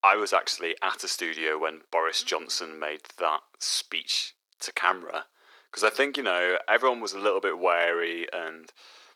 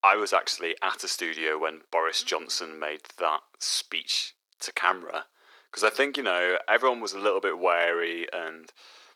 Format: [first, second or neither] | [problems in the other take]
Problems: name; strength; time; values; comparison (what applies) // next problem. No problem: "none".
neither | thin; very; fading below 350 Hz; the same in both